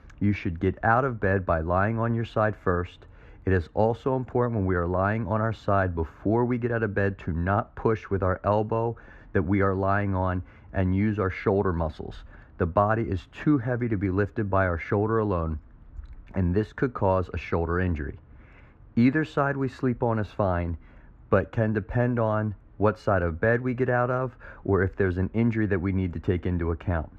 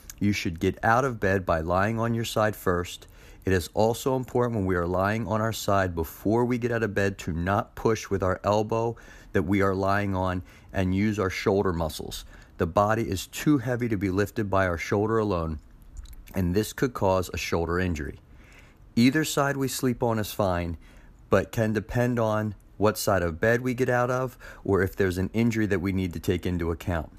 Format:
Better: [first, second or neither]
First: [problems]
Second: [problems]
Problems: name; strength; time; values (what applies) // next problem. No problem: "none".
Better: second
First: muffled; very; fading above 1.5 kHz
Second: none